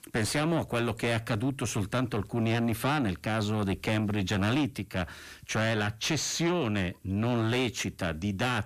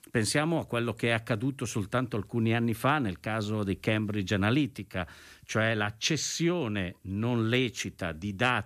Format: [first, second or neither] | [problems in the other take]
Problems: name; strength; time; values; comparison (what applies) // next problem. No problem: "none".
second | distortion; heavy; 7 dB below the speech